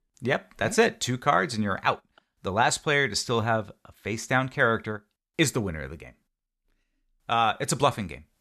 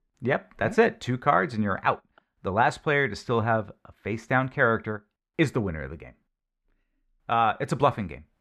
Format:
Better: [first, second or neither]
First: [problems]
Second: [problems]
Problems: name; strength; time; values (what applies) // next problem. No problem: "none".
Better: first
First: none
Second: muffled; slightly; fading above 3.5 kHz